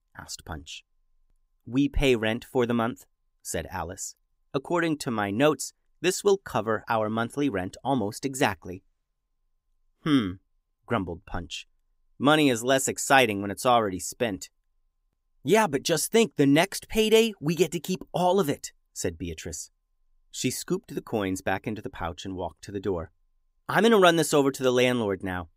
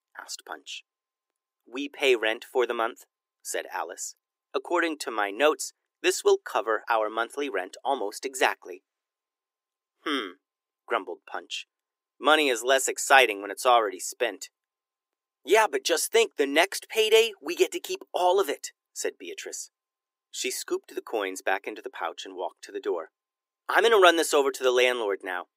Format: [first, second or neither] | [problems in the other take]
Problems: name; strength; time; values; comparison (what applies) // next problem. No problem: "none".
first | thin; very; fading below 350 Hz